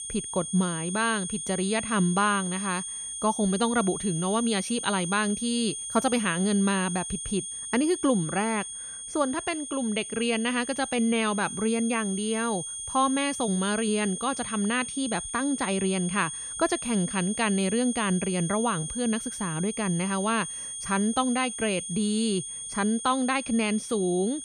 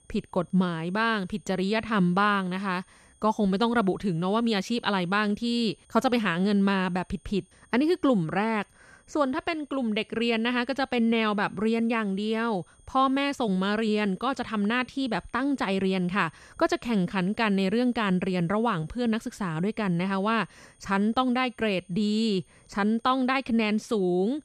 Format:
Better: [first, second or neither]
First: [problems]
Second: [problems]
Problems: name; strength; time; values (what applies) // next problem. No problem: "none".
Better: second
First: high-pitched whine; loud; throughout; 9 kHz, 6 dB below the speech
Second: high-pitched whine; faint; throughout; 9 kHz, 35 dB below the speech